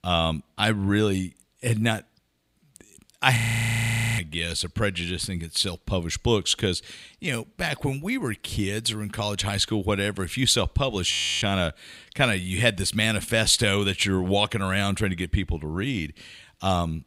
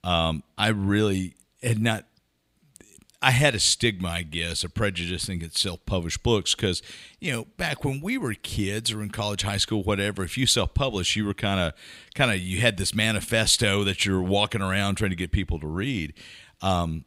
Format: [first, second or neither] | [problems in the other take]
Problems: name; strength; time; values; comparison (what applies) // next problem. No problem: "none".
second | audio freezing; at 3.5 s for 1 s and at 11 s